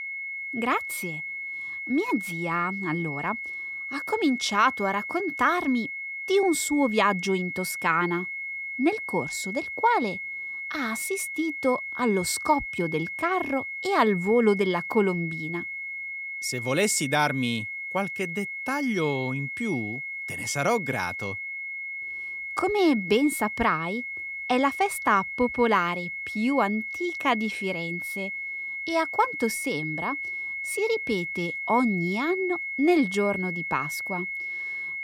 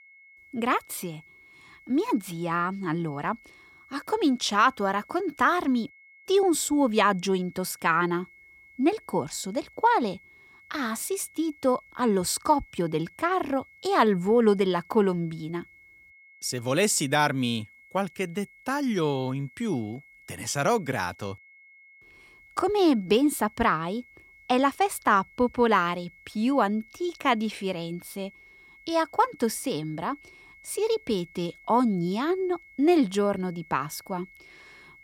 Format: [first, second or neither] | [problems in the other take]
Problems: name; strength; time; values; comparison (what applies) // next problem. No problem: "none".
second | high-pitched whine; loud; throughout; 2 kHz, 5 dB below the speech; faint in the second